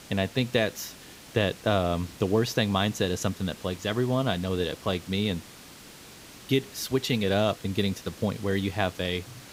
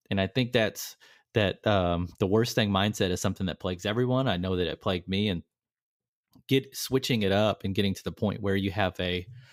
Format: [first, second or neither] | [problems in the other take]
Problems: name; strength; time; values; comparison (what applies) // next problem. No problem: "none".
second | hiss; noticeable; throughout; 20 dB below the speech